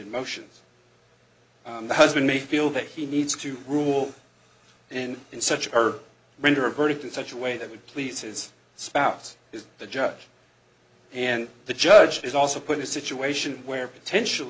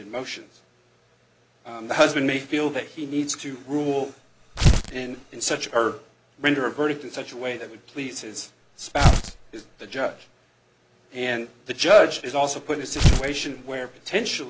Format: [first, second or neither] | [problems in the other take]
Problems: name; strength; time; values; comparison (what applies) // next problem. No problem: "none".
first | background sound (Tearing); 2 dB above the speech